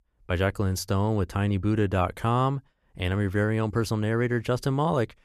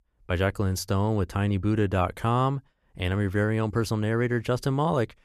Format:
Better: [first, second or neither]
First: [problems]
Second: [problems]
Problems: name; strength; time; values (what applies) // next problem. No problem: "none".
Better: neither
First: none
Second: none